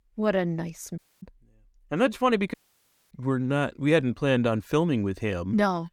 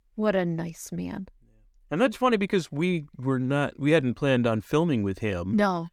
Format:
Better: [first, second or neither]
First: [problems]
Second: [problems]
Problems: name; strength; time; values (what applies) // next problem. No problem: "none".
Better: second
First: audio cutting out; at 1 s and at 2.5 s for 0.5 s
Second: none